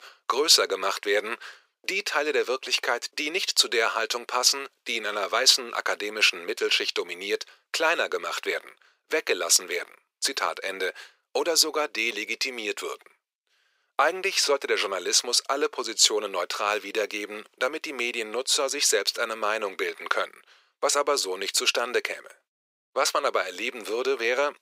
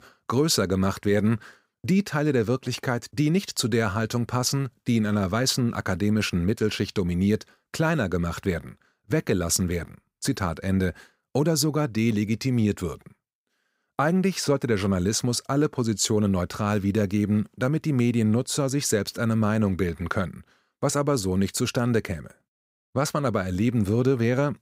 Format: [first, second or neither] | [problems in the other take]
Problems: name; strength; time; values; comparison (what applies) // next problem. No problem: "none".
second | thin; very; fading below 400 Hz